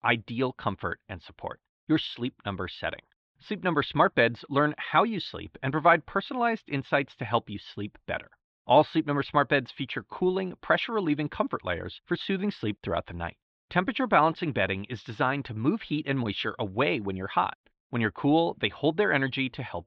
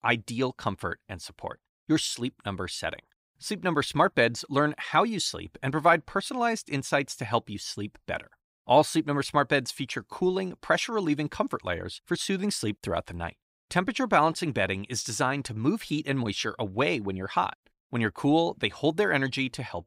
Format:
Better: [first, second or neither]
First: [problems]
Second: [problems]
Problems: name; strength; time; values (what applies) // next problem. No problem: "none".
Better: second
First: muffled; very; fading above 3.5 kHz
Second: none